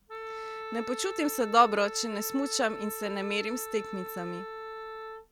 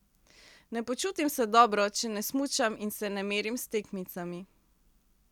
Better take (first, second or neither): second